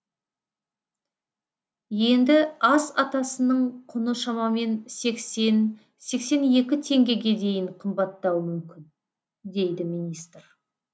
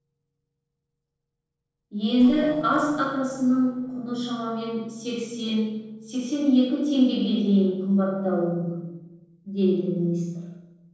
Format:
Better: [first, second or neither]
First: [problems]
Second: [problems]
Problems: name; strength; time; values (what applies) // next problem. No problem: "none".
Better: first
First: none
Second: noise reduction (neural separator model SepFormer DNS4)